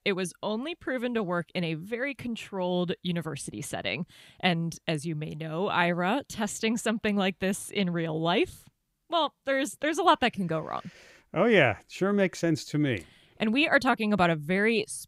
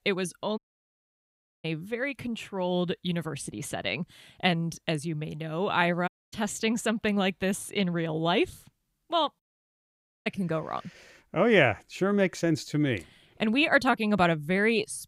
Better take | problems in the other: first | audio cutting out; at 0.5 s for 1 s, at 6 s and at 9.5 s for 1 s

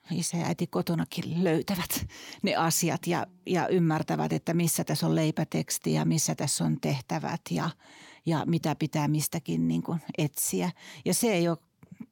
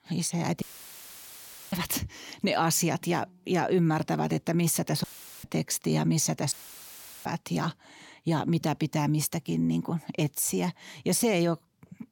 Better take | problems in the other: first | audio cutting out; filled with static; at 0.5 s for 1 s, at 5 s and at 6.5 s for 0.5 s

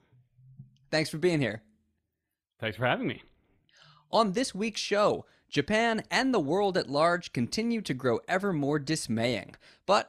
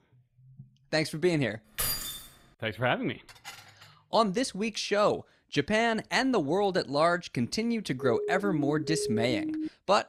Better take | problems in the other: first | jangling keys; noticeable; at 2 s; peak 1 dB below the speech // clattering dishes; faint; at 3.5 s; peak 15 dB below the speech // siren; noticeable; from 8 s on; peak 4 dB below the speech

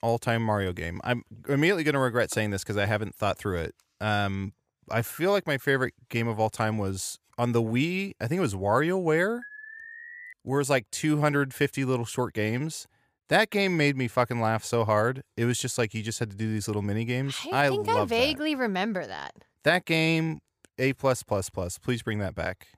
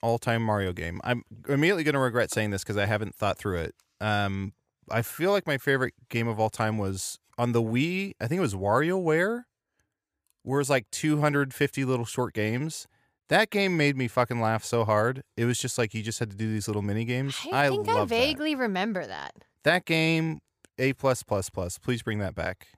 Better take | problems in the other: second | alarm; faint; at 9.5 s; peak 15 dB below the speech

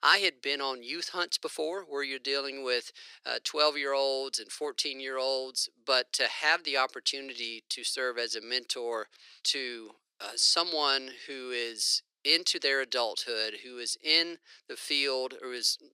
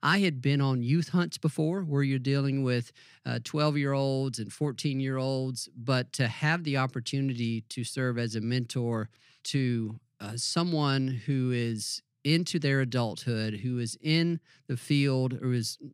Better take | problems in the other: second | thin; very; fading below 400 Hz

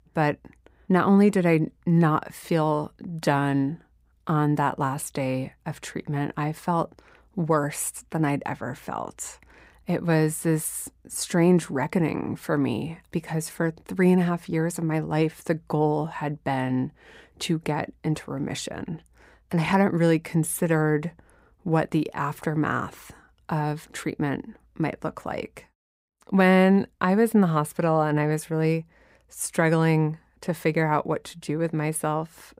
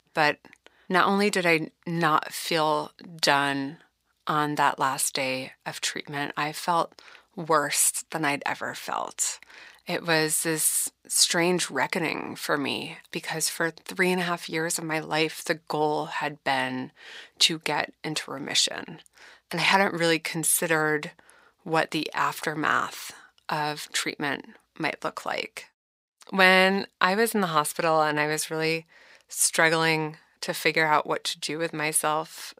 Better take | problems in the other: first | thin; somewhat; fading below 1 kHz

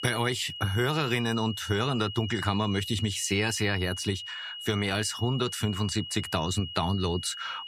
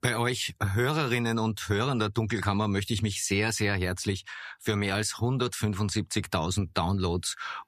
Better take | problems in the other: second | high-pitched whine; loud; throughout; 3 kHz, 8 dB below the speech

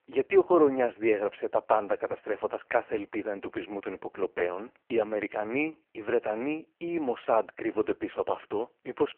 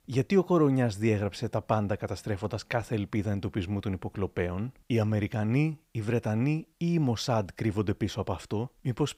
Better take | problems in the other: second | phone-call audio; poor line

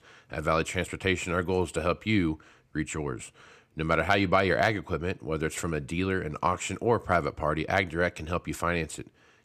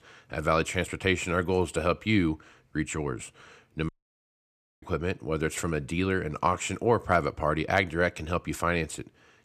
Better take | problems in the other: first | audio cutting out; at 4 s for 1 s

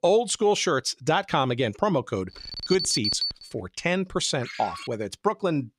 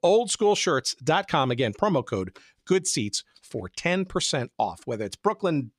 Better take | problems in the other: second | alarm; loud; from 2.5 to 3.5 s; peak 1 dB above the speech // phone ringing; faint; at 4.5 s; peak 10 dB below the speech

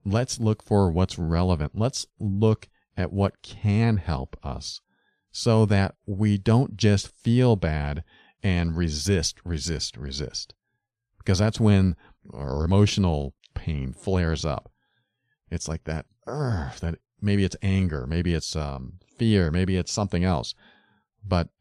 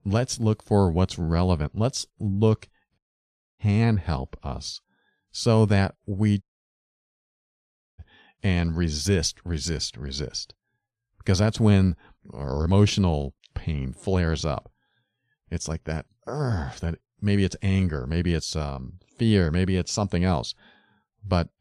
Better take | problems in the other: first | audio cutting out; at 3 s for 0.5 s and at 6.5 s for 1.5 s

